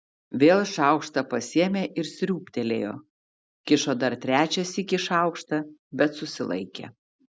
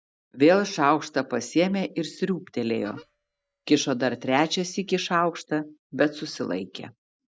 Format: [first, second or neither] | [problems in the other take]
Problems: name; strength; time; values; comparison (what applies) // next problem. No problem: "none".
first | noise reduction (neural mask model DeepFilterNet 3)